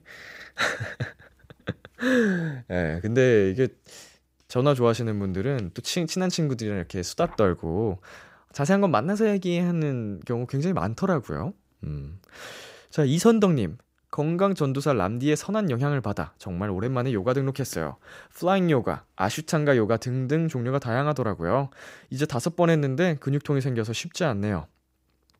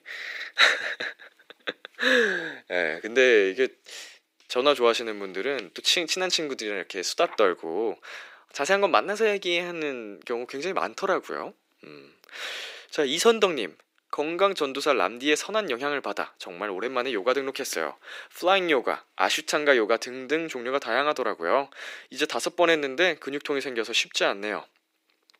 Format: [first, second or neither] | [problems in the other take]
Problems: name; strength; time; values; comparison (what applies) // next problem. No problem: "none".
first | thin; very; fading below 300 Hz